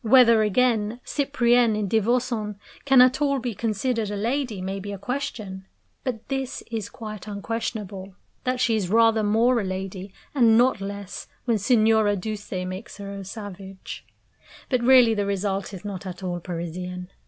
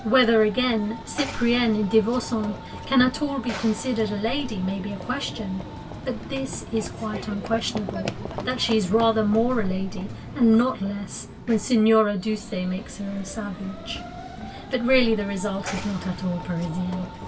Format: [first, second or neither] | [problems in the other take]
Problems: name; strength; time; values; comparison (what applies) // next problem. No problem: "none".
first | background sound (Run / Train); 11 dB below the speech // room echo; dies away in 0.2 s